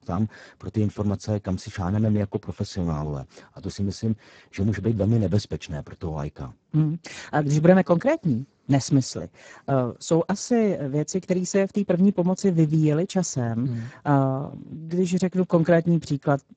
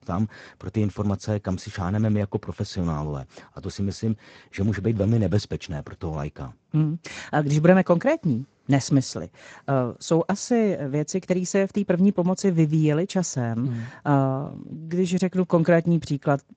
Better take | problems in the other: second | garbled, watery; badly; nothing above 7.5 kHz; slightly in the second

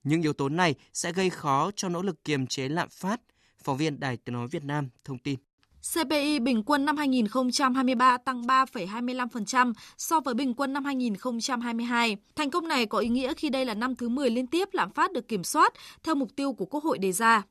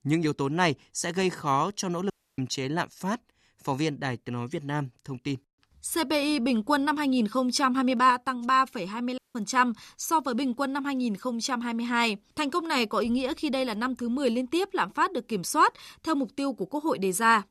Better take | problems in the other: first | audio cutting out; at 2 s and at 9 s

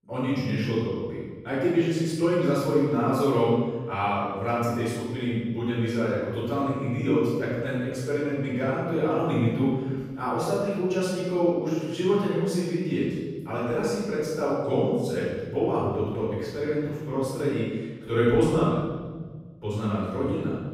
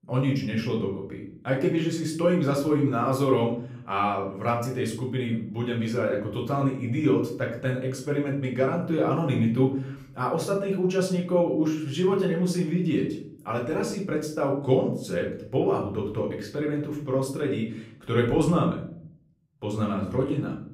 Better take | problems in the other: second | room echo; strong; dies away in 1.3 s; slight in the second // off-mic speech; far; far in the second

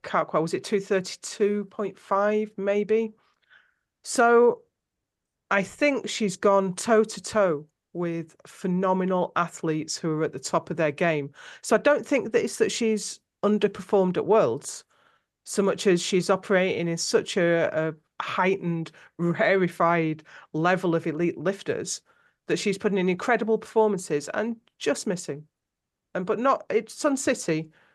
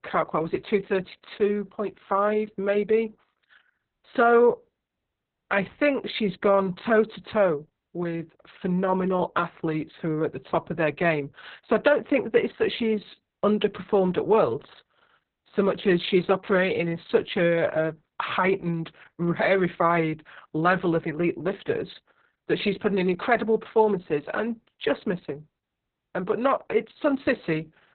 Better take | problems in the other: first | garbled, watery; badly; nothing above 4 kHz

